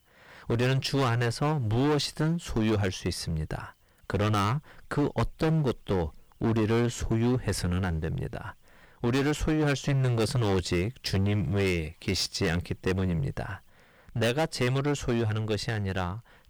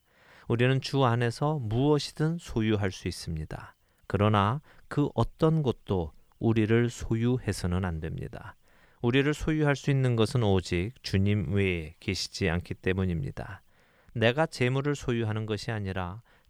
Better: second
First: distortion; heavy; 16% of the sound clipped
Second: none

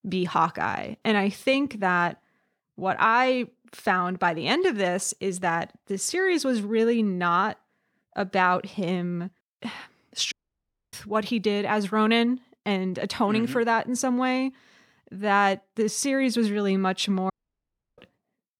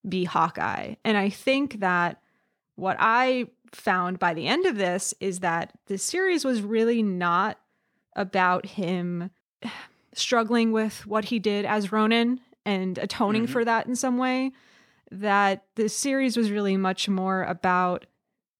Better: second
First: audio cutting out; at 10 s for 0.5 s and at 17 s for 0.5 s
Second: none

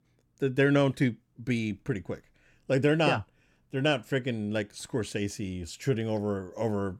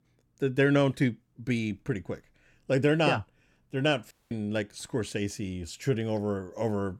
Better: first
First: none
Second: audio cutting out; at 4 s

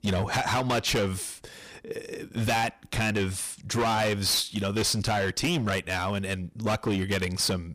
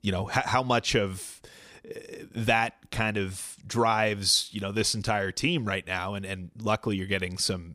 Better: second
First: distortion; heavy; 16% of the sound clipped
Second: none

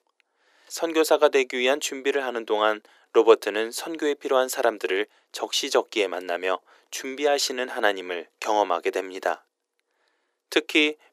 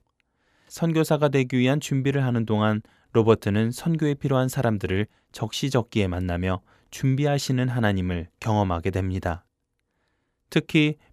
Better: second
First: thin; very; fading below 350 Hz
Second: none

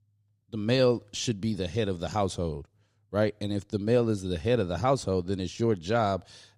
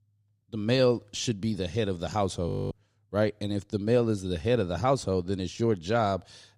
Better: first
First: none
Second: audio freezing; at 2.5 s

